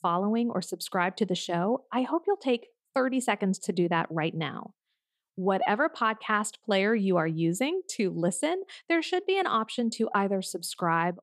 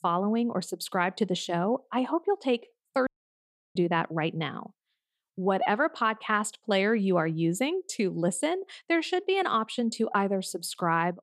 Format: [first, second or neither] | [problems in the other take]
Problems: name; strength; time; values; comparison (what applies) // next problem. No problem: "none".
first | audio cutting out; at 3 s for 0.5 s